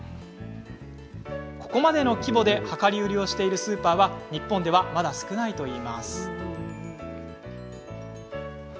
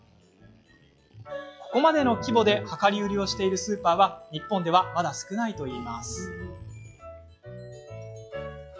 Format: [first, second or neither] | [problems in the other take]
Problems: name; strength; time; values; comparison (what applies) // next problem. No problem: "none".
first | noise reduction (classical method log-MMSE)